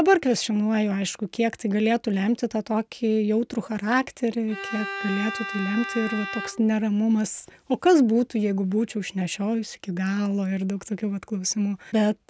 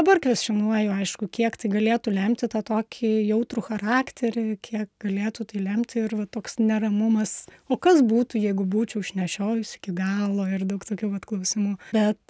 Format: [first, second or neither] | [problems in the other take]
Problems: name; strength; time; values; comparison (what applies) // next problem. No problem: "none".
second | background sound (Bowed string instrument); 10 dB below the speech